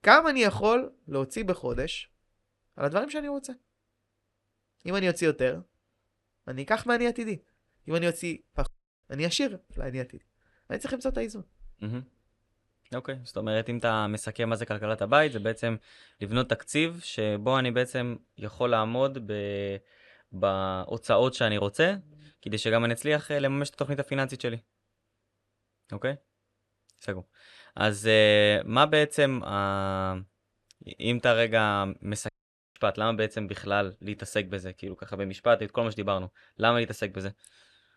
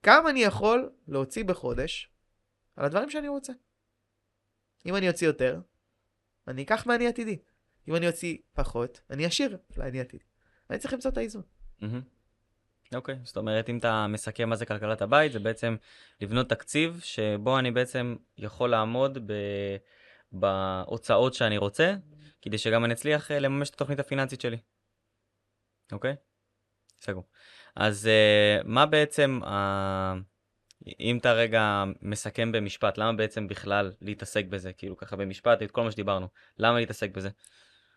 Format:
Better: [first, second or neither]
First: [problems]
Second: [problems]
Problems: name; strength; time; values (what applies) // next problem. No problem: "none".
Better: second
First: audio cutting out; at 8.5 s and at 32 s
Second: none